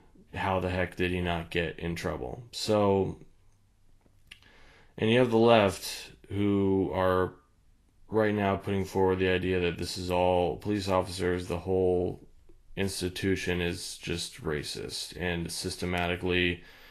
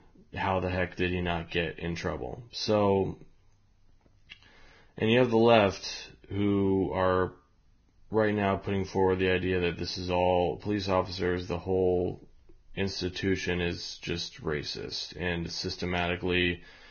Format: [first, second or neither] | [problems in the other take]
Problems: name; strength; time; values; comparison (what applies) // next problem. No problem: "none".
first | garbled, watery; badly; nothing above 6.5 kHz; slightly in the first